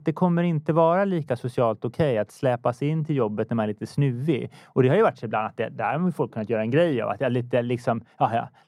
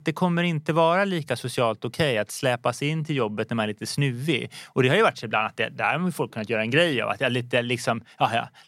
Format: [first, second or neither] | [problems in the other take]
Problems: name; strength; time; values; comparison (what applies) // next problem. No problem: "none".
second | muffled; slightly; fading above 1.5 kHz